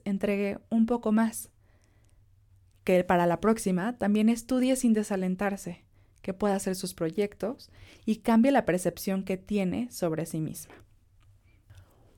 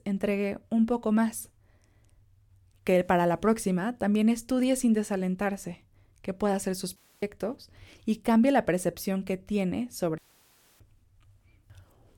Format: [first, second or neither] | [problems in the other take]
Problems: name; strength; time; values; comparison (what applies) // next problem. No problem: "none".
first | audio cutting out; at 7 s and at 10 s for 0.5 s